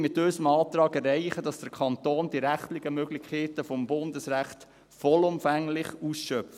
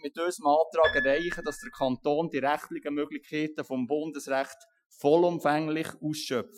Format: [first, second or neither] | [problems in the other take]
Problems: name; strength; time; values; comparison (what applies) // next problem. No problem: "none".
first | noise reduction (classical method Wiener filter)